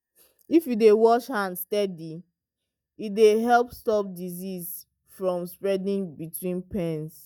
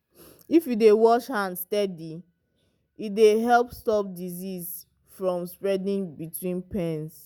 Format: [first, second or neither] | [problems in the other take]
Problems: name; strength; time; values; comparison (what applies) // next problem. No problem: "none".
second | noise reduction (neural mask model DeepFilterNet 3)